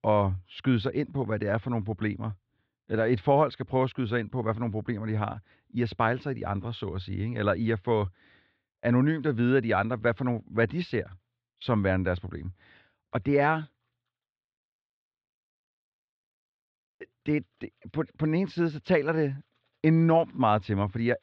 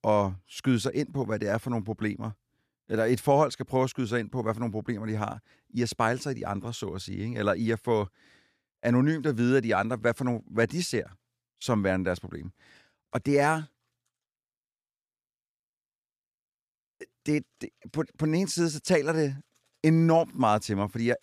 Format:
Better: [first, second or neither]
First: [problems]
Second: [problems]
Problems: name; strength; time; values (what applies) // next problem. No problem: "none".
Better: second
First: muffled; slightly; fading above 3.5 kHz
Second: none